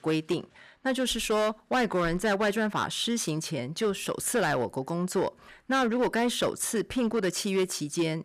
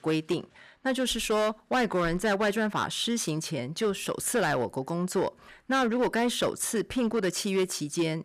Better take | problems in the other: neither | distortion; slight; 8% of the sound clipped; the same in both

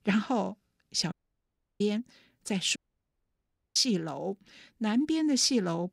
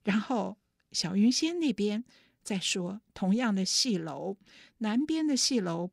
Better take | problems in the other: second | audio cutting out; at 1 s for 0.5 s and at 3 s for 1 s

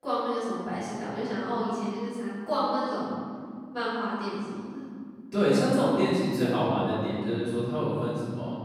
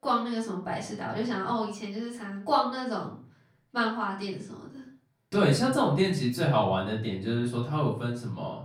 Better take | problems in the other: second | room echo; strong; dies away in 2.2 s; slight in the second // off-mic speech; far; far in the second

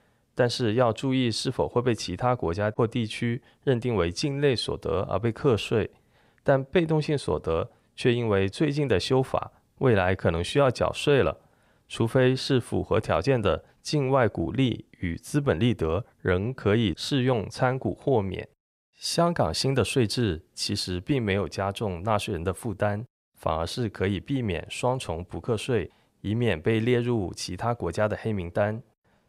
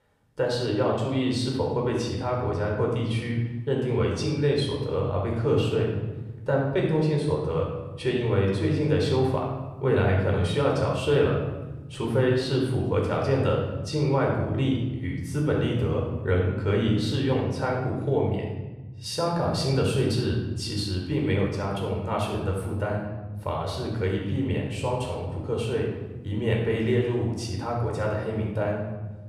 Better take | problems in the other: first | off-mic speech; somewhat distant // room echo; noticeable; dies away in 1.5 s

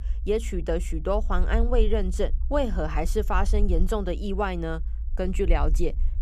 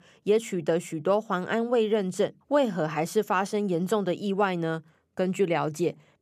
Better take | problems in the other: second | low rumble; faint; throughout; 25 dB below the speech

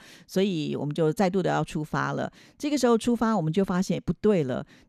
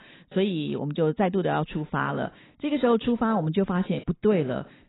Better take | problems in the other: first | garbled, watery; badly; nothing above 4 kHz

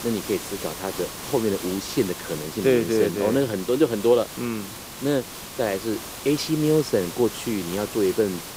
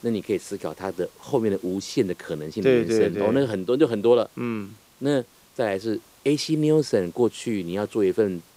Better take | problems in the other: second | hiss; loud; throughout; 10 dB below the speech; faint in the second

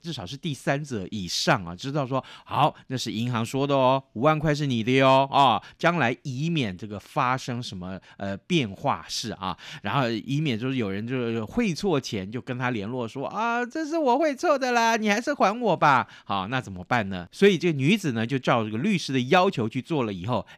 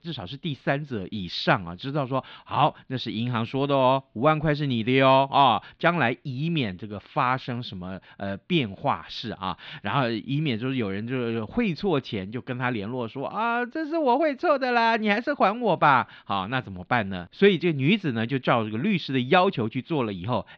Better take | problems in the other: first | muffled; very slightly; fading above 4 kHz

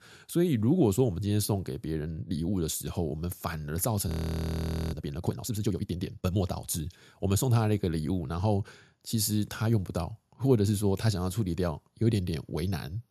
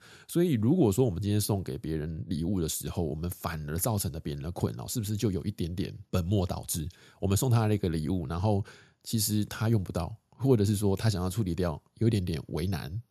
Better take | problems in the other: second | audio freezing; at 4 s for 1 s

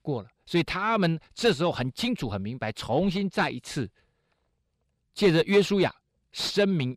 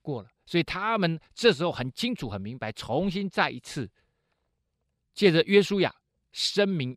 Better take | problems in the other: second | distortion; slight; 10 dB below the speech

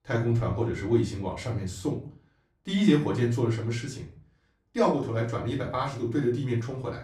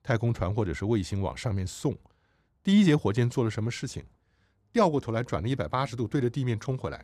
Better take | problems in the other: second | off-mic speech; far // room echo; slight; dies away in 0.3 s

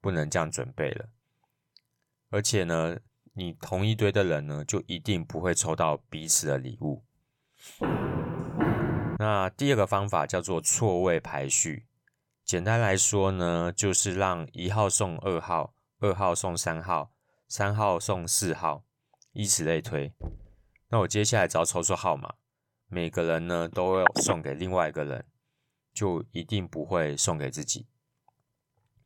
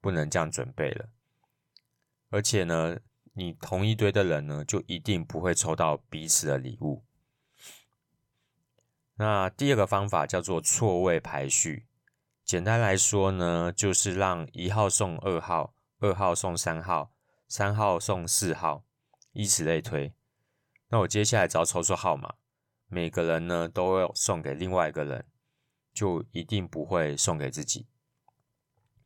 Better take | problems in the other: second | footsteps; loud; from 8 to 9 s; peak 1 dB above the speech // door banging; faint; at 20 s; peak 15 dB below the speech // phone ringing; loud; at 24 s; peak 2 dB above the speech

